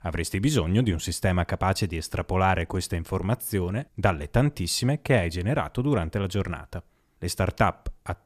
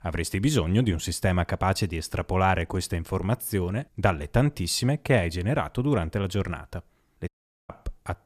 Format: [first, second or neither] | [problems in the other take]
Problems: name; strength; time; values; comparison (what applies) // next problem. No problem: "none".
first | audio cutting out; at 7.5 s